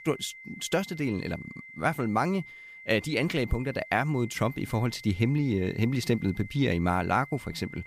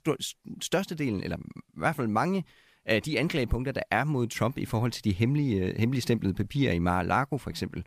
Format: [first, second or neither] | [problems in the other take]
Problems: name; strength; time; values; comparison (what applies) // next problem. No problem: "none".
second | high-pitched whine; noticeable; throughout; 2 kHz, 15 dB below the speech